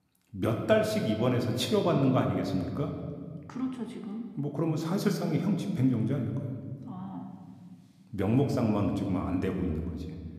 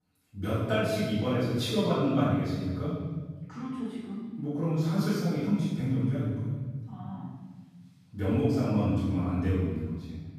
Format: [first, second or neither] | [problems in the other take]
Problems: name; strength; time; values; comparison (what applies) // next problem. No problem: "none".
first | room echo; strong; dies away in 1.5 s; slight in the first // off-mic speech; far